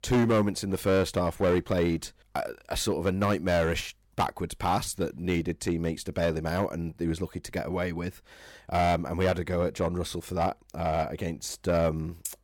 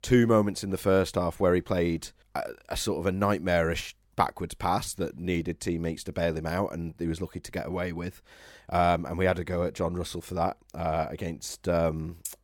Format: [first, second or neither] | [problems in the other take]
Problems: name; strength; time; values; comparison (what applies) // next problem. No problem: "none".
second | distortion; slight; 4% of the sound clipped